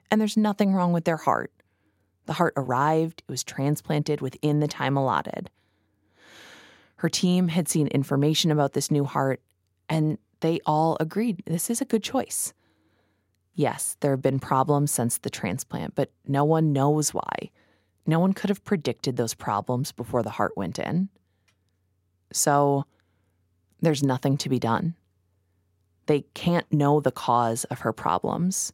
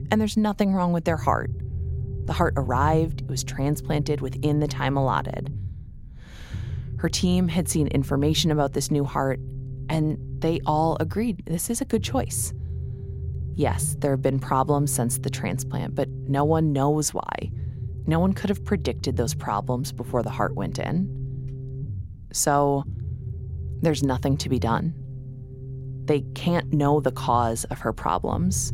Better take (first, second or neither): first